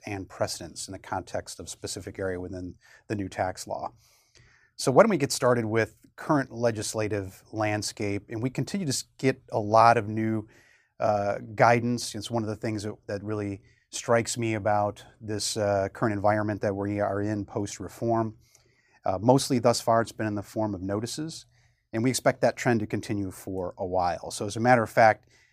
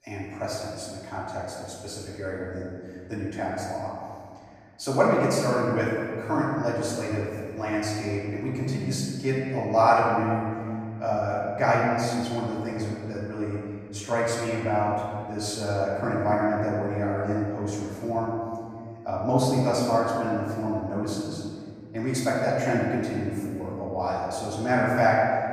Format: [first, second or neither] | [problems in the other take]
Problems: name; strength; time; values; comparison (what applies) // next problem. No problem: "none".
first | room echo; noticeable; dies away in 2.1 s // off-mic speech; far